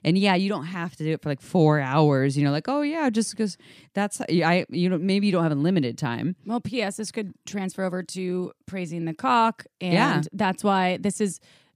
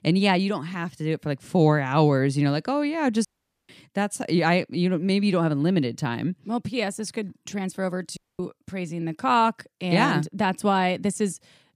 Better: first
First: none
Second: audio cutting out; at 3.5 s and at 8 s

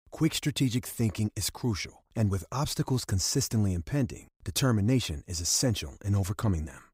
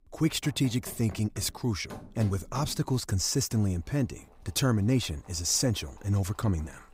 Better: first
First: none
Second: household noises; faint; throughout; 20 dB below the speech

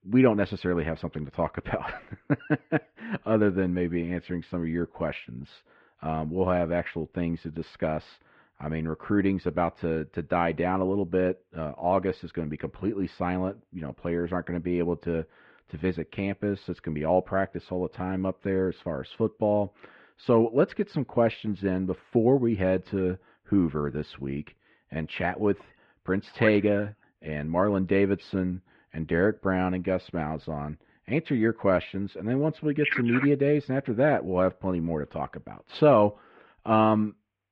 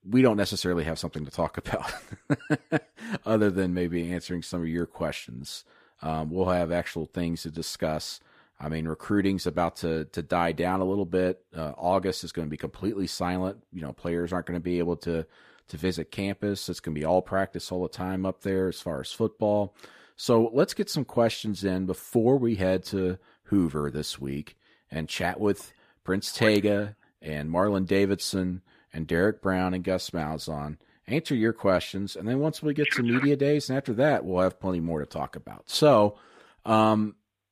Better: second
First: muffled; very; fading above 2.5 kHz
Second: none

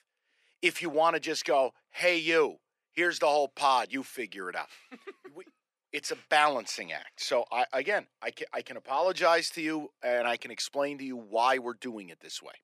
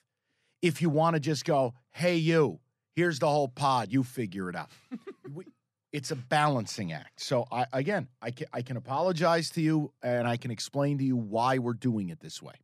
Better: second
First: thin; very; fading below 400 Hz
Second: none

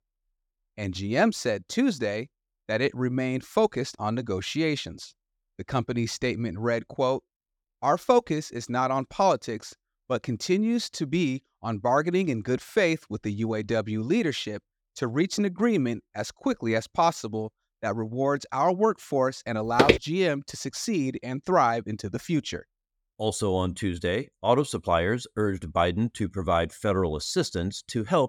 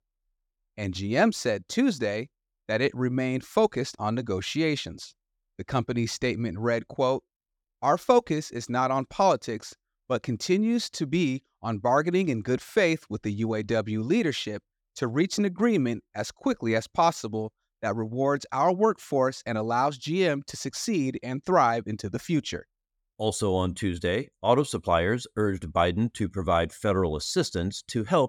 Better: second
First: footsteps; loud; at 20 s; peak 6 dB above the speech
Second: none

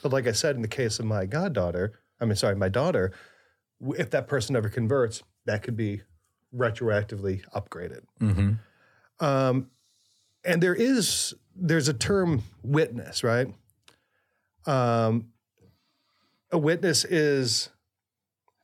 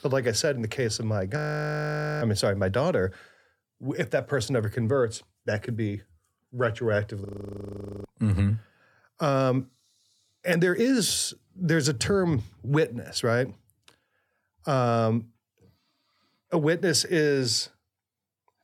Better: first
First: none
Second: audio freezing; at 1.5 s for 1 s and at 7.5 s for 1 s

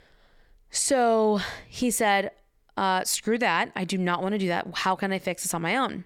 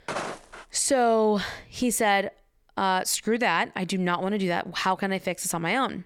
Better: first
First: none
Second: footsteps; noticeable; at the start; peak 7 dB below the speech

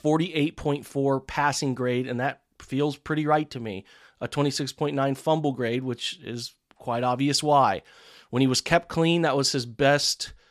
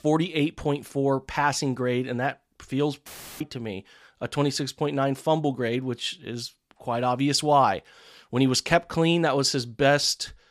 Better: first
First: none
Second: audio cutting out; filled with static; at 3 s

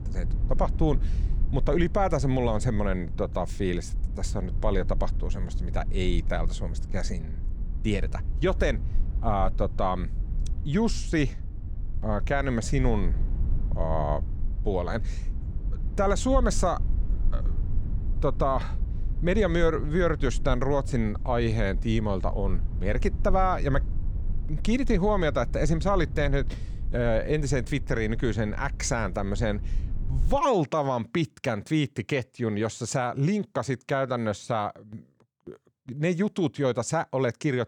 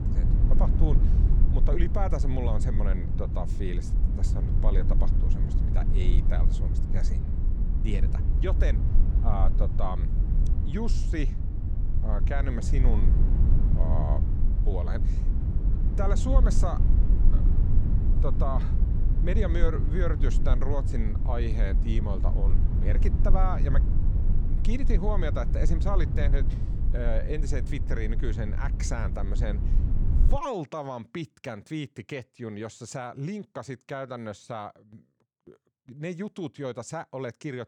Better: first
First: low rumble; faint; until 30 s; 20 dB below the speech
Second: low rumble; loud; until 30 s; 7 dB below the speech

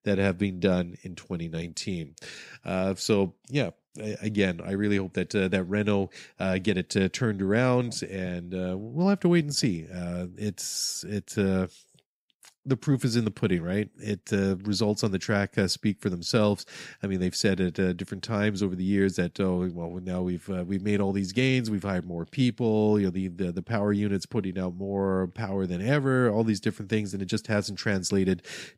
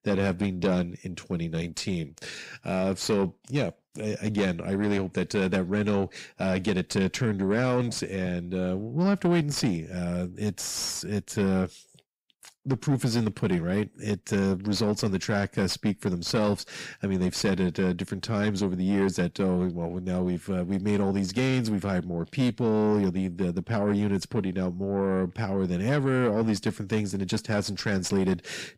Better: first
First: none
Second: distortion; slight; 10 dB below the speech

